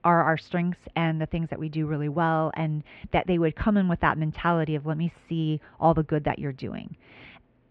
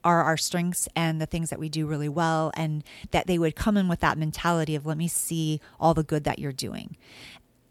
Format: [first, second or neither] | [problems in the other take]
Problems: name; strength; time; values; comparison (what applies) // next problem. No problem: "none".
second | muffled; very; fading above 2.5 kHz